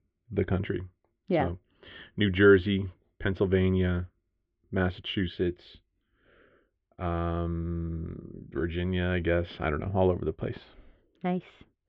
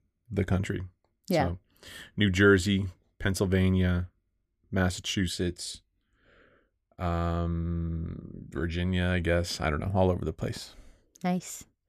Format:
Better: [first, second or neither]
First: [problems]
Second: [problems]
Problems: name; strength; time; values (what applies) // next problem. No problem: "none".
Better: second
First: muffled; very; fading above 3 kHz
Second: none